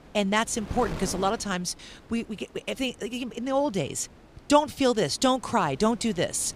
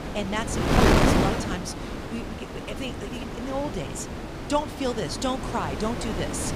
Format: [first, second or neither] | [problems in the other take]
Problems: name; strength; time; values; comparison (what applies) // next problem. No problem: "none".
first | wind noise on the microphone; heavy; 2 dB above the speech; occasional gusts in the first